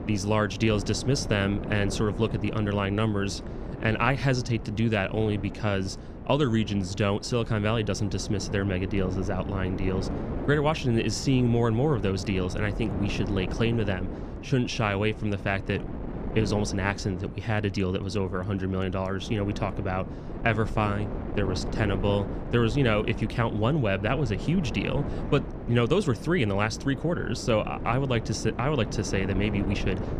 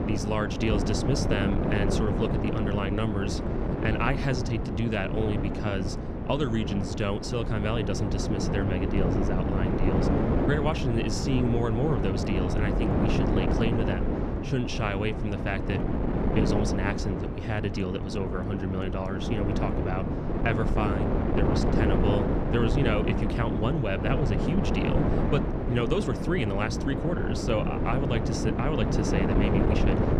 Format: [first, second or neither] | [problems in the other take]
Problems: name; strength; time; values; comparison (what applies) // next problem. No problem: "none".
first | wind noise on the microphone; heavy; as loud as the speech; occasional gusts in the first